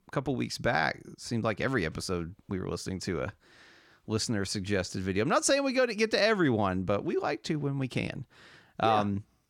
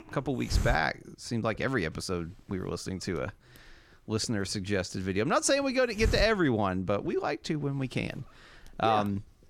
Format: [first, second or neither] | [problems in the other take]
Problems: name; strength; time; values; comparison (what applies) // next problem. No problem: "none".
first | hiss; loud; throughout; 6 dB below the speech